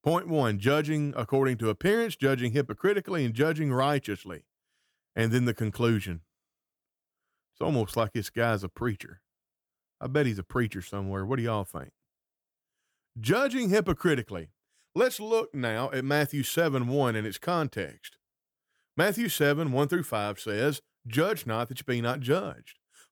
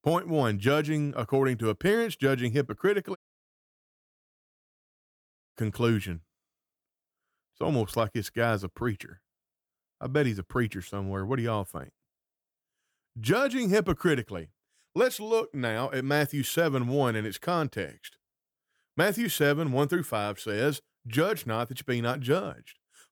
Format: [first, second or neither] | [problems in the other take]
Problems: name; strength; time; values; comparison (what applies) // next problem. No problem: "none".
first | audio cutting out; at 3 s for 2.5 s